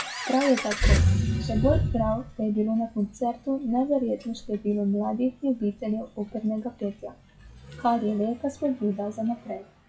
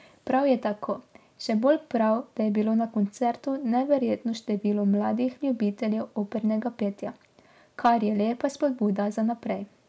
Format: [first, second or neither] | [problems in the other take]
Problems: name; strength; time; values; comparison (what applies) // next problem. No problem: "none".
second | noise reduction (classical method WPE with log-MMSE)